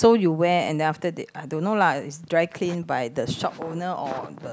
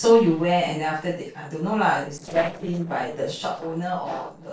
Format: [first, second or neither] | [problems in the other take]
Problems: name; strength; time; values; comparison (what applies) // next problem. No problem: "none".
first | noise reduction (neural separator model SepFormer DNS4)